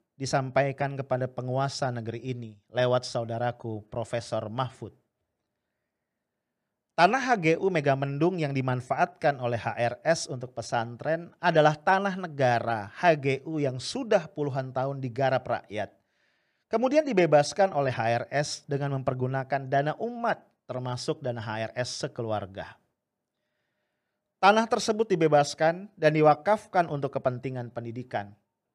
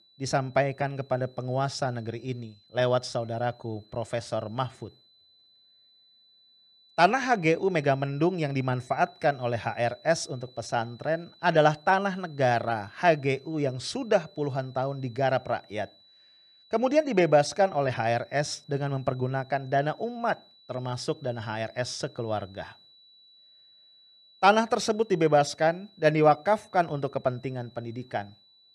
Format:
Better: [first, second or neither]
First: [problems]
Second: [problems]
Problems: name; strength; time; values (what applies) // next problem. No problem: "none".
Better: first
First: none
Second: high-pitched whine; faint; throughout; 4 kHz, 30 dB below the speech